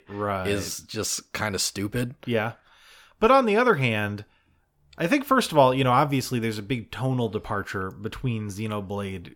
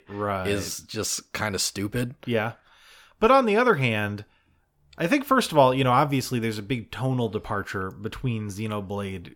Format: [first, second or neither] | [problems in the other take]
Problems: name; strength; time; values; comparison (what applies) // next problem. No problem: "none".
neither | none